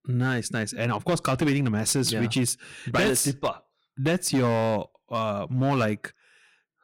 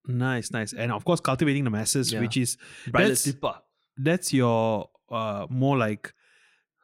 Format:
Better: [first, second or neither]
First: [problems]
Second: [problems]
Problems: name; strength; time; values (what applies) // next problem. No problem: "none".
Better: second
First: distortion; slight; 8% of the sound clipped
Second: none